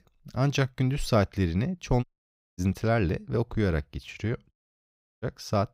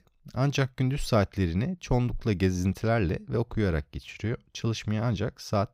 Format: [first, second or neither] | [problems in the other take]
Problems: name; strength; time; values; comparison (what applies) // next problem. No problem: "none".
second | audio cutting out; at 2 s for 0.5 s and at 4.5 s for 0.5 s